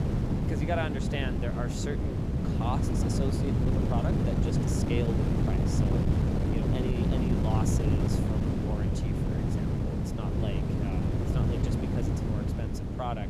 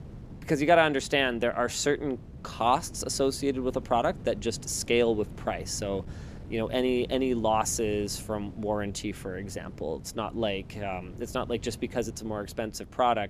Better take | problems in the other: second | wind noise on the microphone; heavy; 2 dB above the speech; occasional gusts in the second

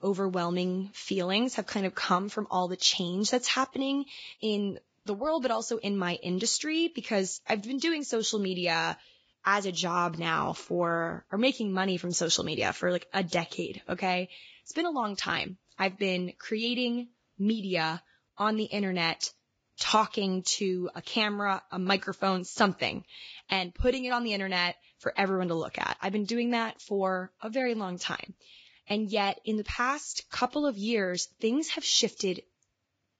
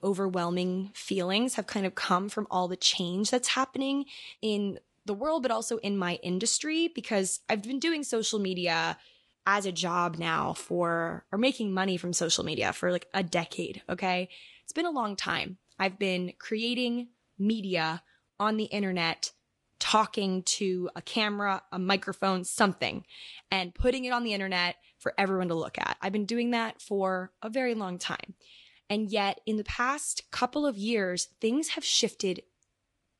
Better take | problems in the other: second | garbled, watery; badly; nothing above 7.5 kHz; slightly in the second

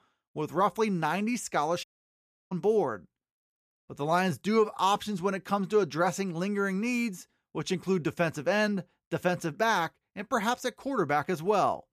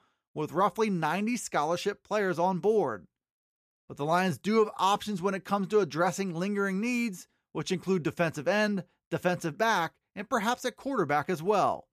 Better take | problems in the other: second | audio cutting out; at 2 s for 0.5 s

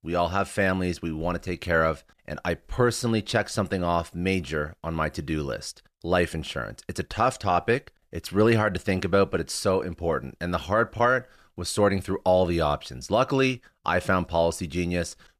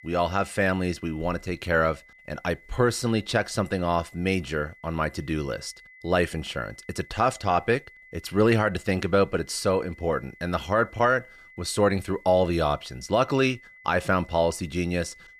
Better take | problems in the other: first | high-pitched whine; faint; throughout; 2 kHz, 25 dB below the speech

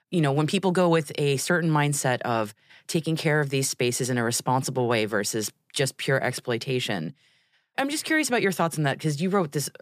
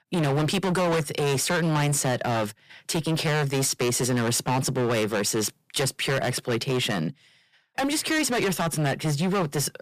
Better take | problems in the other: first | distortion; heavy; 23% of the sound clipped

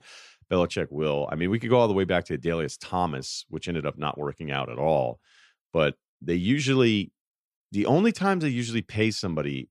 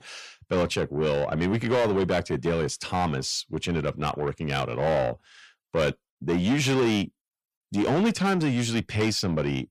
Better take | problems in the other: first | distortion; heavy; 7 dB below the speech

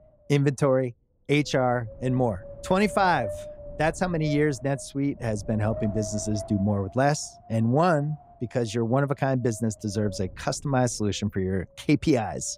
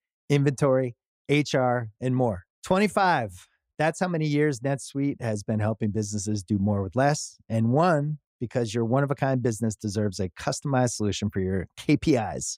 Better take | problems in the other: second | wind noise on the microphone; occasional gusts; 15 dB below the speech

